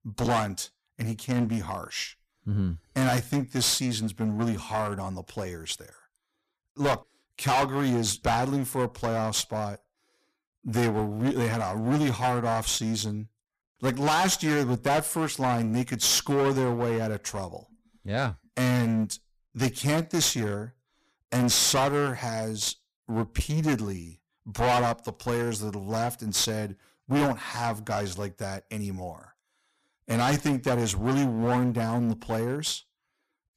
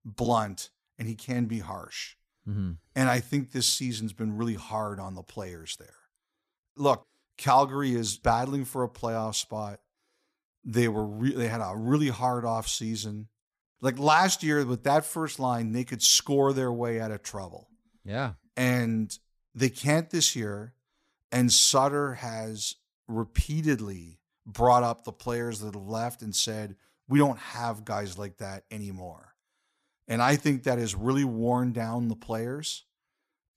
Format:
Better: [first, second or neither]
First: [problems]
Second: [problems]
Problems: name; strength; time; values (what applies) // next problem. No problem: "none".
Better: second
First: distortion; heavy; 13% of the sound clipped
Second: none